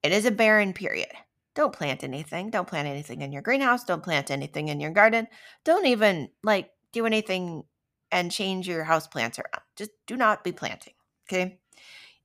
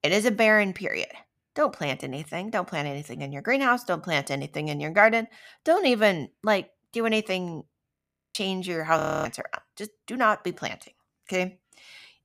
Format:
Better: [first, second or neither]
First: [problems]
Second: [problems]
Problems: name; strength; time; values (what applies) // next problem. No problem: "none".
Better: first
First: none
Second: audio freezing; at 8 s and at 9 s